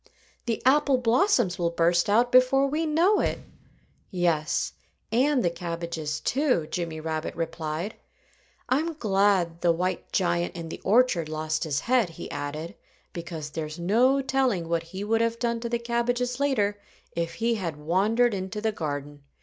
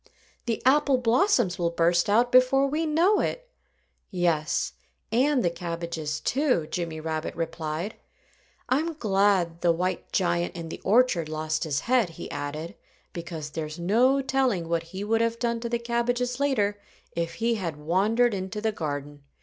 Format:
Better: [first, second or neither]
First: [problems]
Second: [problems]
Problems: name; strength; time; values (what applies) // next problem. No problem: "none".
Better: second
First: background sound (Bass drum); 18 dB below the speech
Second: none